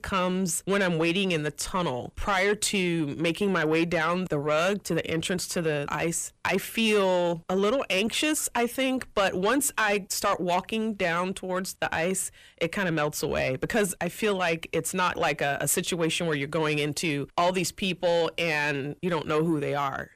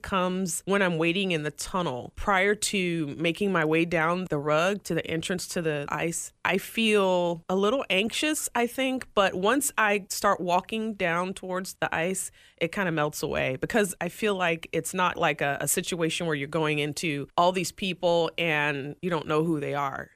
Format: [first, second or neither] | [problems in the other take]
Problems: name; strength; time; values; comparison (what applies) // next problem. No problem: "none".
second | distortion; slight; 10 dB below the speech